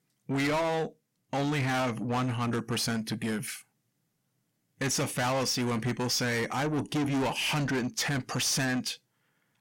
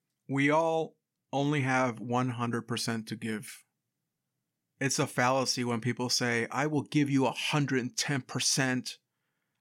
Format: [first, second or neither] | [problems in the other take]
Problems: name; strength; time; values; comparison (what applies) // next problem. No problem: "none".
second | distortion; heavy; 7 dB below the speech